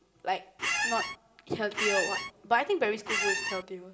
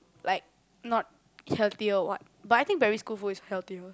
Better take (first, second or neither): second